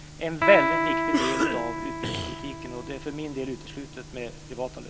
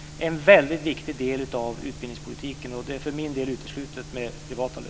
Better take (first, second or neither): second